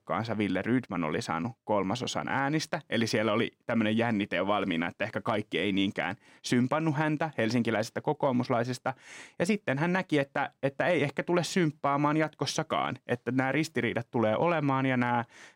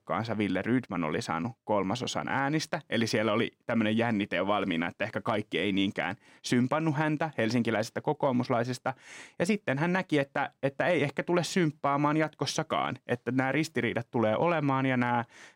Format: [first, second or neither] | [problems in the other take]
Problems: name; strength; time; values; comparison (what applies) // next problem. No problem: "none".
neither | none